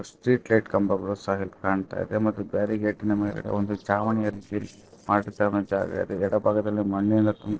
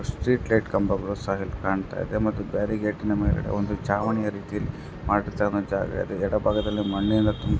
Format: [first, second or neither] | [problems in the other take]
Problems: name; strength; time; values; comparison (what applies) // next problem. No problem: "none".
second | noise reduction (neural separator model SepFormer DNS4)